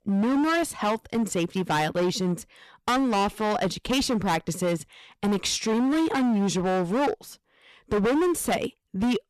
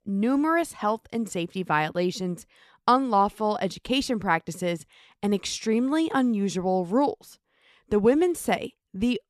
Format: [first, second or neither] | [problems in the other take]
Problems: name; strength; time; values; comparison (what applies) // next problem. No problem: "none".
second | distortion; heavy; 22% of the sound clipped